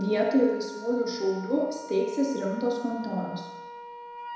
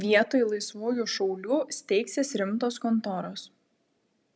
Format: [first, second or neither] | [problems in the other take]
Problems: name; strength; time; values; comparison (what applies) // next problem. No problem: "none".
second | background sound (Wind instrument, woodwind instrument); 14 dB below the speech // room echo; dies away in 1 s